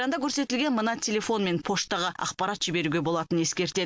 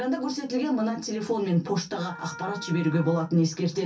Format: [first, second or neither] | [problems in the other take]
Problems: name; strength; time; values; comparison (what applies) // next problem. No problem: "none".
first | background sound (Wind instrument, woodwind instrument); 17 dB below the speech // room echo; dies away in 0.3 s